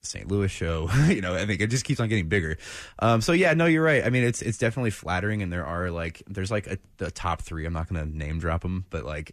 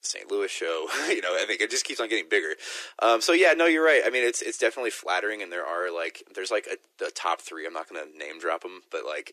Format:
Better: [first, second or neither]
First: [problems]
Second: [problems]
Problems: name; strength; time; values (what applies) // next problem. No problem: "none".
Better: first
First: none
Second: thin; very; fading below 350 Hz